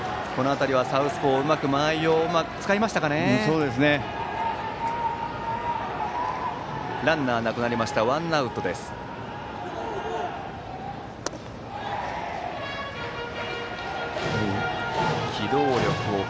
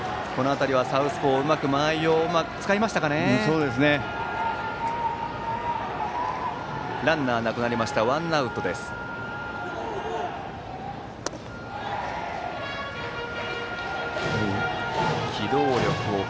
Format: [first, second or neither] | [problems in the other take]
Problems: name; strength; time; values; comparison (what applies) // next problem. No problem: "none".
first | background sound (Wind instrument, woodwind instrument); 16 dB below the speech